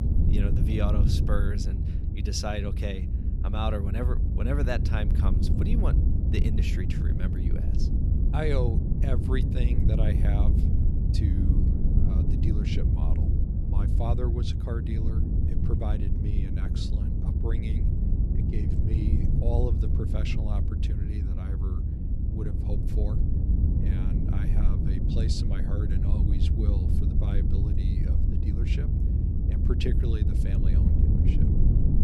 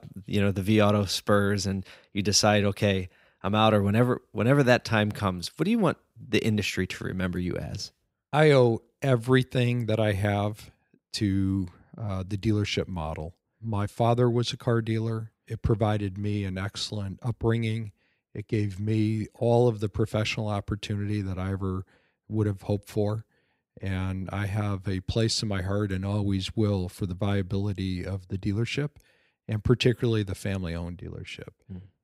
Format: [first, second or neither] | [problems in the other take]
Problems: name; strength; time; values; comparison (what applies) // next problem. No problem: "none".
second | low rumble; loud; throughout; 2 dB below the speech